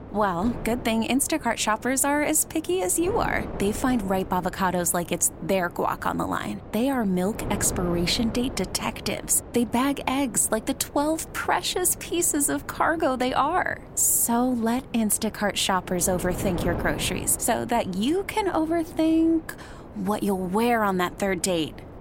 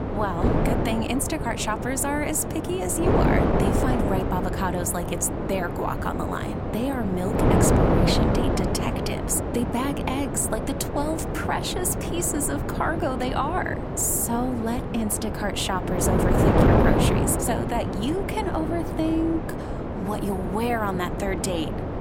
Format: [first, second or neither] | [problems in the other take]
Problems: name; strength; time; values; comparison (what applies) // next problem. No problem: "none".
first | wind noise on the microphone; heavy; as loud as the speech; occasional gusts in the first